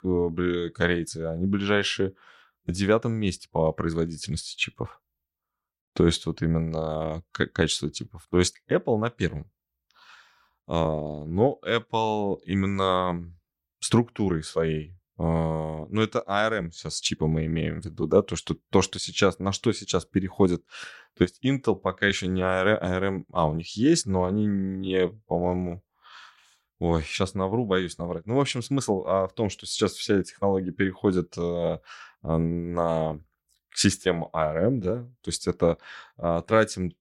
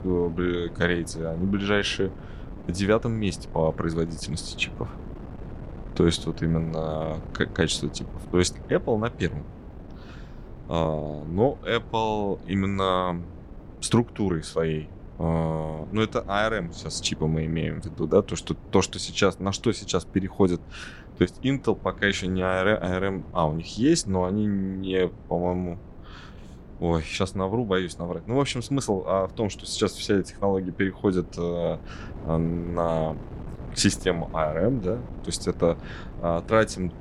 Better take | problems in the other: first | wind noise on the microphone; occasional gusts; 20 dB below the speech

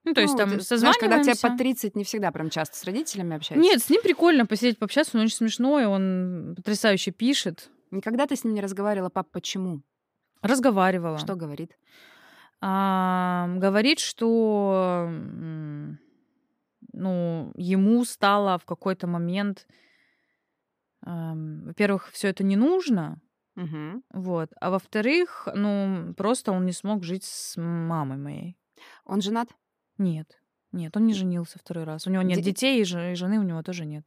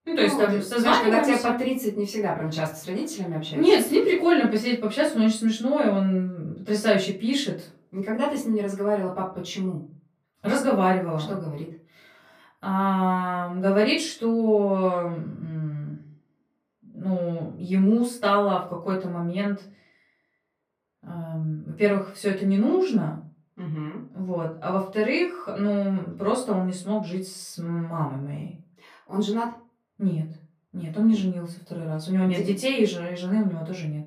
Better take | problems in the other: first | off-mic speech; far // room echo; slight; dies away in 0.3 s

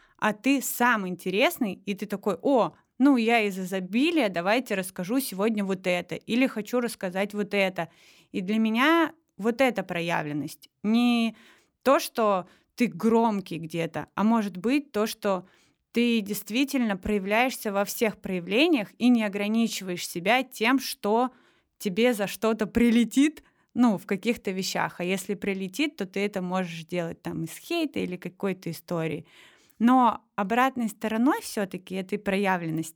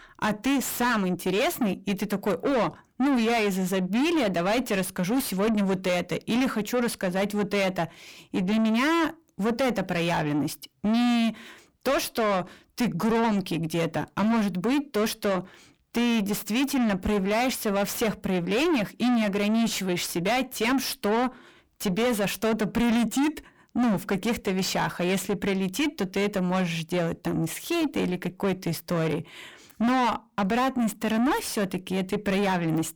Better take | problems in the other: first | distortion; heavy; 6 dB below the speech

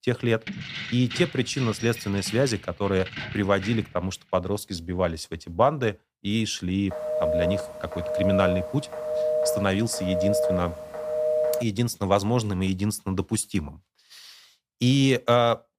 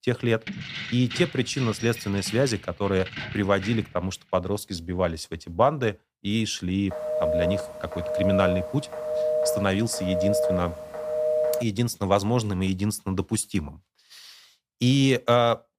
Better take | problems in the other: neither | jangling keys; noticeable; until 4 s; peak 7 dB below the speech; the same in both // phone ringing; loud; from 7 to 12 s; peak 2 dB above the speech; the same in both

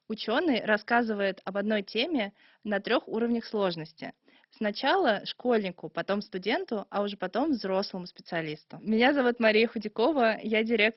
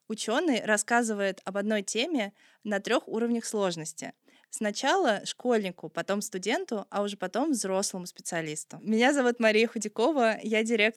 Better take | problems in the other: second | garbled, watery; badly; nothing above 5.5 kHz

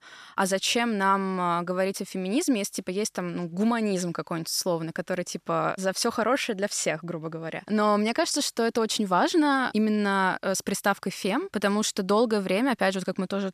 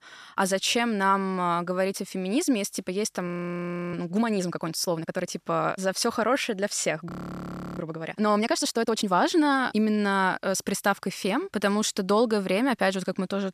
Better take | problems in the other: first | audio freezing; at 3.5 s for 0.5 s and at 7 s for 0.5 s

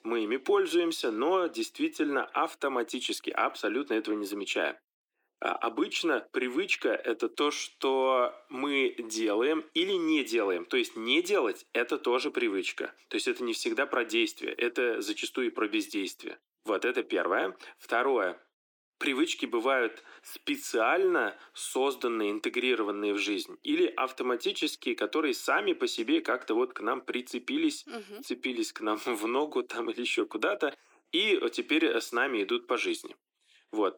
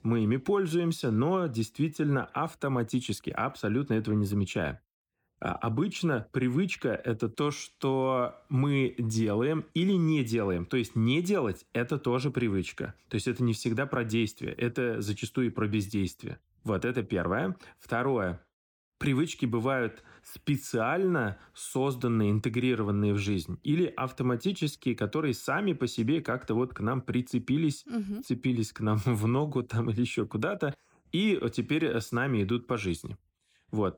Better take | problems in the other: second | thin; somewhat; fading below 300 Hz

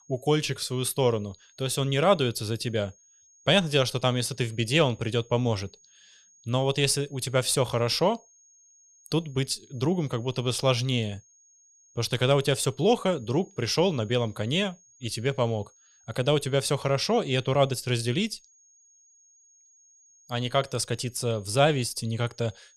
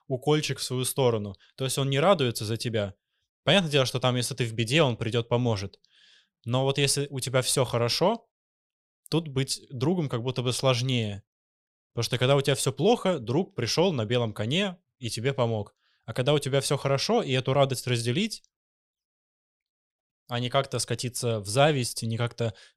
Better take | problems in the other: second | high-pitched whine; faint; throughout; 6.5 kHz, 30 dB below the speech

